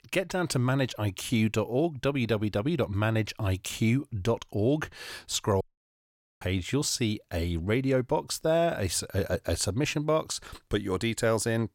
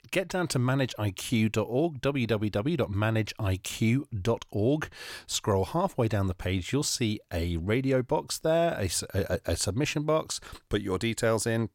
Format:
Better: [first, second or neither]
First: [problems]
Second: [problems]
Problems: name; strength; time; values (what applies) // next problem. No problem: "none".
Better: second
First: audio cutting out; at 5.5 s for 1 s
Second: none